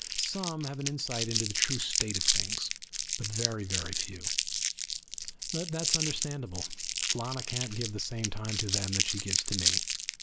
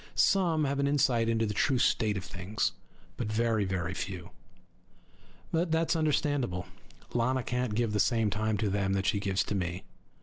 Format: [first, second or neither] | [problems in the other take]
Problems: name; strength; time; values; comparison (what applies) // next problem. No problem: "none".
second | background sound (Crumpling, crinkling); 3 dB above the speech